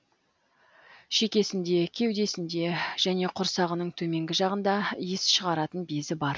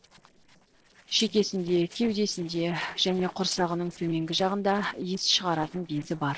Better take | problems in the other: first | noise reduction (neural separator model SepFormer DNS4)

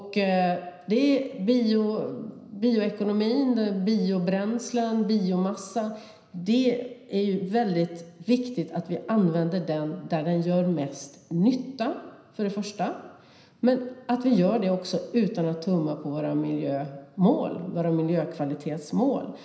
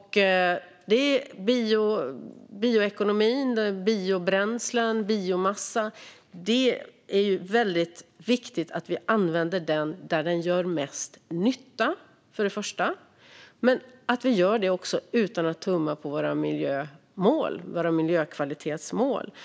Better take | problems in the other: second | room echo; dies away in 0.9 s

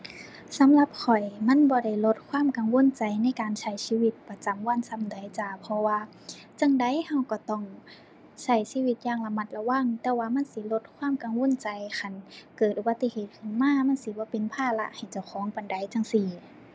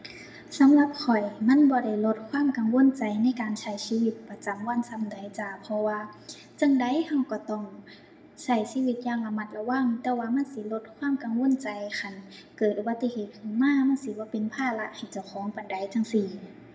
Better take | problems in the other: first | room echo; dies away in 0.6 s

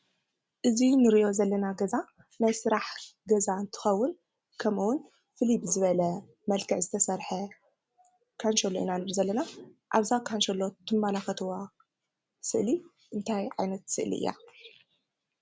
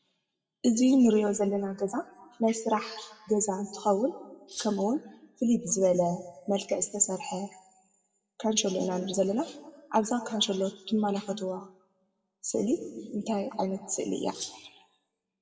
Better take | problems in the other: first | noise reduction (classical method WPE with log-MMSE)

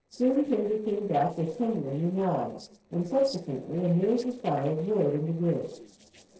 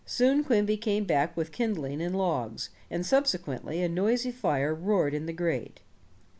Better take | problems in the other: second | noise reduction (neural separator model SepFormer DNS4)

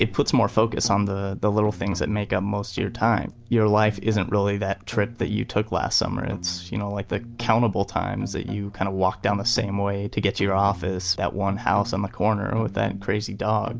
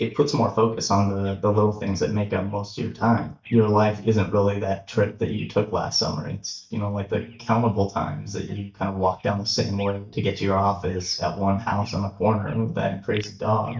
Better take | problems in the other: first | noise reduction (neural mask model DeepFilterNet 3)

